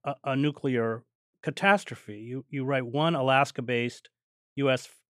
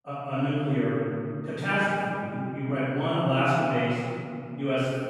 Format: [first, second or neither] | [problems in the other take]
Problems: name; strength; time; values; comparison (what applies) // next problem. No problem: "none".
first | off-mic speech; far // room echo; strong; dies away in 2.9 s